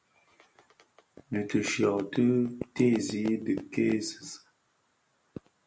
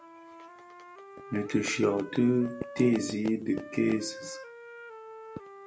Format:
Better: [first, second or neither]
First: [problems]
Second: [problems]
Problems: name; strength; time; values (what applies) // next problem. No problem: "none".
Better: first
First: none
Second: background sound (Wind instrument, woodwind instrument); 16 dB below the speech